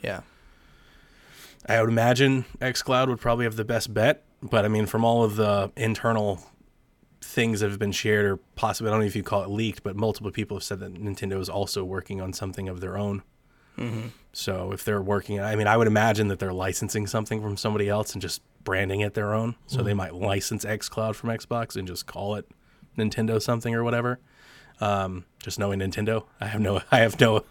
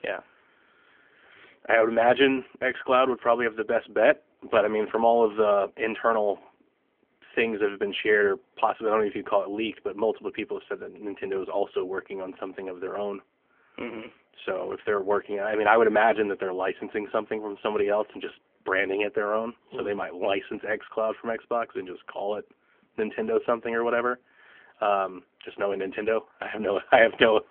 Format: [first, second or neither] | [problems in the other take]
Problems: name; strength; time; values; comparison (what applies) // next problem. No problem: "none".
first | phone-call audio; nothing above 3 kHz